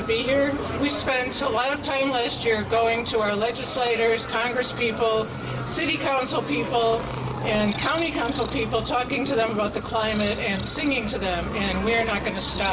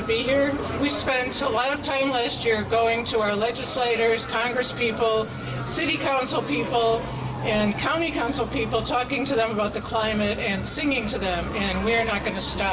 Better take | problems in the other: second | background sound (Purr); 16 dB below the speech

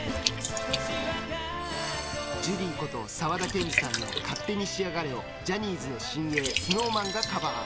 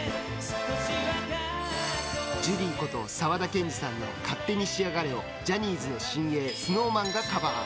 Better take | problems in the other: second | background sound (Liquid); 5 dB below the speech

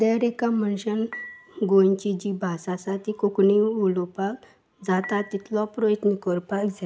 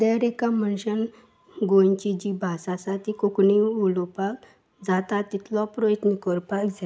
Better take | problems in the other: second | background sound (Dishes, pots, and pans / Chink, clink); 18 dB below the speech

